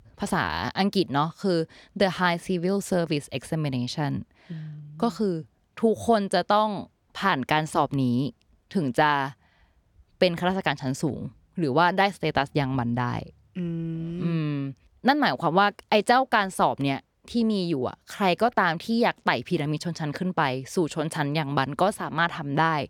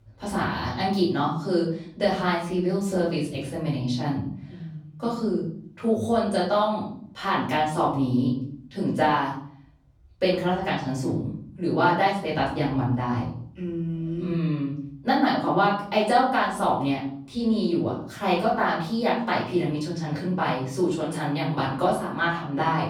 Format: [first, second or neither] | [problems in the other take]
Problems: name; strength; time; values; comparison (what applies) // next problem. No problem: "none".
first | room echo; noticeable; dies away in 0.6 s // off-mic speech; far